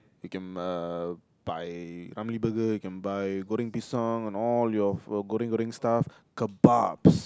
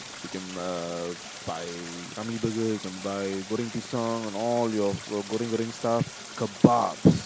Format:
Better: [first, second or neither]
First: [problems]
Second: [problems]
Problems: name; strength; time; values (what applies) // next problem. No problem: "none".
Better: first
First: none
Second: background sound (Stream); 13 dB below the speech